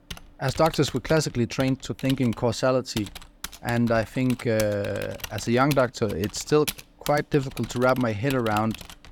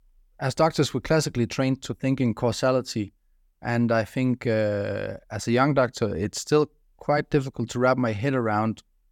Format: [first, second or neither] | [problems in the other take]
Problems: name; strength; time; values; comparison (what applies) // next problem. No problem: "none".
second | keyboard typing; noticeable; peak 7 dB below the speech